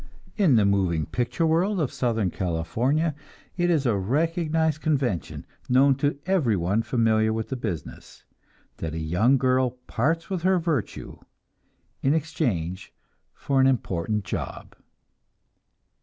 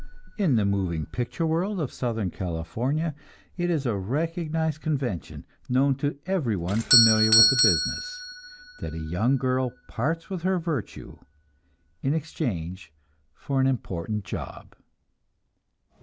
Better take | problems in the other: first | background sound (Doorbell); 5 dB below the speech

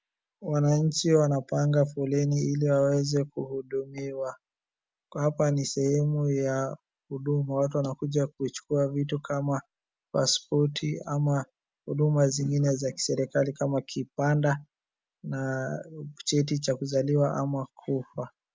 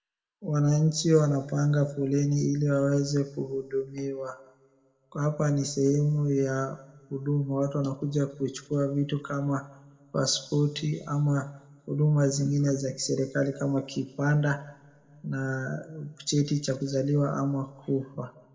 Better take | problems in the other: first | room echo; dies away in 1.1 s

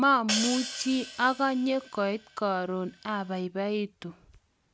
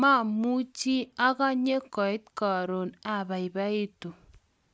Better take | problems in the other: second | background sound (Hi-hat); 9 dB below the speech

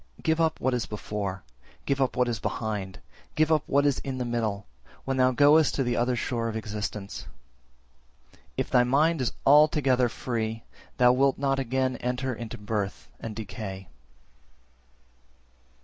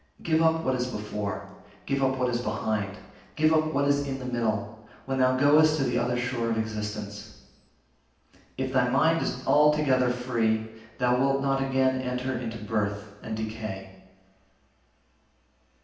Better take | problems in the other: first | room echo; dies away in 0.9 s

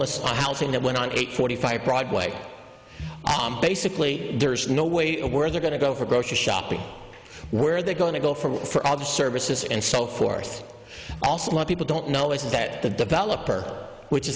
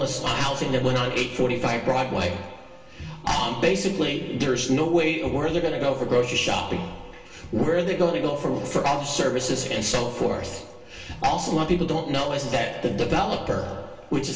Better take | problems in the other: first | room echo; dies away in 0.4 s

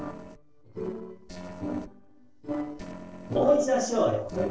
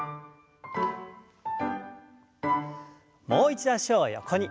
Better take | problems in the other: second | noise reduction (neural separator model SepFormer DNS4)

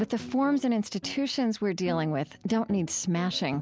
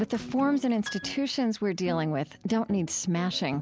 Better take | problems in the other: first | background sound (Toilet flush / Liquid + Piano); 19 dB below the speech

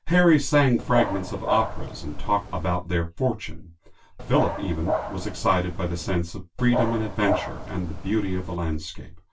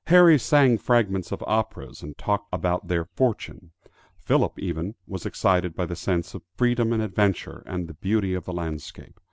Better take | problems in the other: second | background sound (Dog); 6 dB below the speech // room echo; dies away in 0.1 s

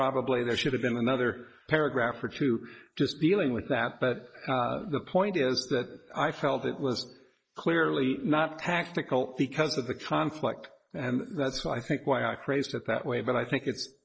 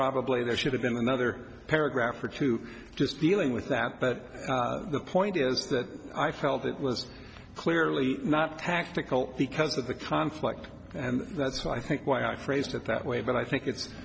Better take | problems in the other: second | noise reduction (neural mask model Resemble Enhance denoiser)

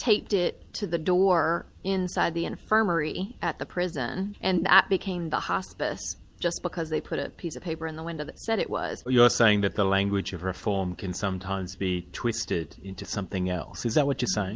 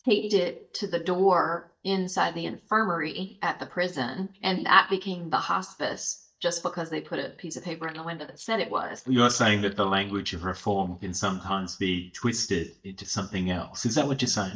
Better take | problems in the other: first | noise reduction (neural mask model DeepFilterNet 3)

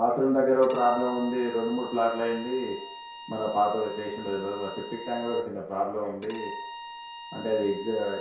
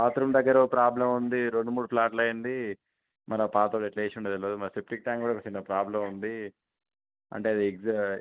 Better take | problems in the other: second | background sound (Bowed string instrument); 14 dB below the speech // room echo; dies away in 0.6 s

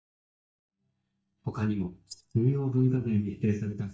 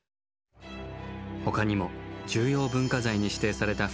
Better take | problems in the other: second | noise reduction (neural mask model DeepFilterNet 3)

